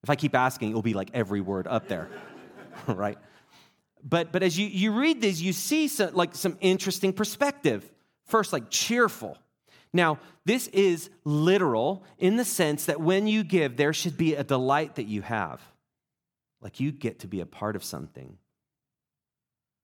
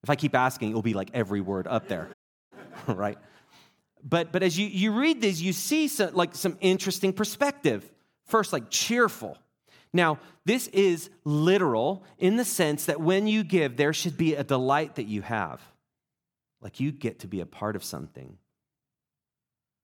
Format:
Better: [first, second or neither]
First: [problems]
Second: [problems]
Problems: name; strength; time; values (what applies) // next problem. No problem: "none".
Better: first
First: none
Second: audio cutting out; at 2 s